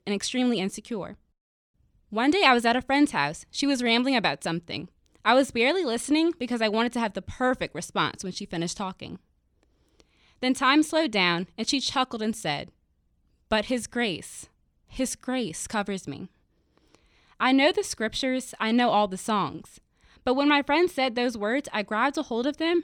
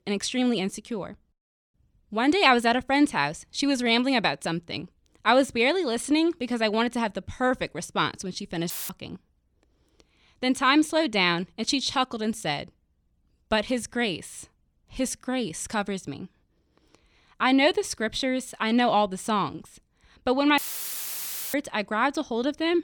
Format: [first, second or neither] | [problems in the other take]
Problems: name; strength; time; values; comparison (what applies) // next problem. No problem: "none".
first | audio cutting out; filled with static; at 8.5 s and at 21 s for 1 s